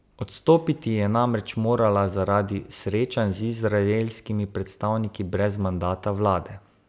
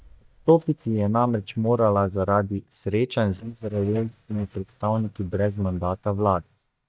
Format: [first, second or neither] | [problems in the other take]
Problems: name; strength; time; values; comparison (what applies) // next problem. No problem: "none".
first | noise reduction (neural mask model DeepFilterNet 3)